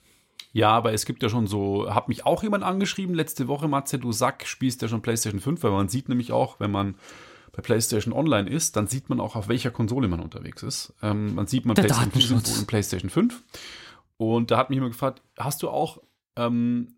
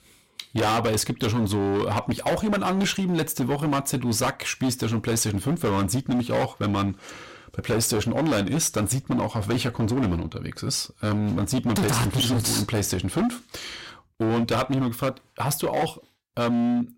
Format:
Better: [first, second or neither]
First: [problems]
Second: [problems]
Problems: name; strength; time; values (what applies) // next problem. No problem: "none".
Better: first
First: none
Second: distortion; heavy; 19% of the sound clipped